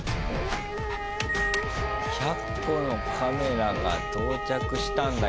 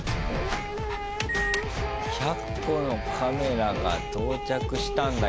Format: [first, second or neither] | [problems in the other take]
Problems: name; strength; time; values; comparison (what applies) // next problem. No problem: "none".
second | background sound (Wind instrument, woodwind instrument); 10 dB below the speech